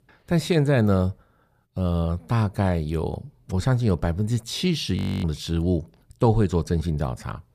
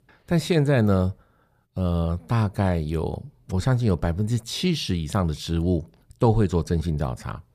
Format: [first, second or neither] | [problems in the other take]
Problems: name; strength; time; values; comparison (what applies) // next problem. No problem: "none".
second | audio freezing; at 5 s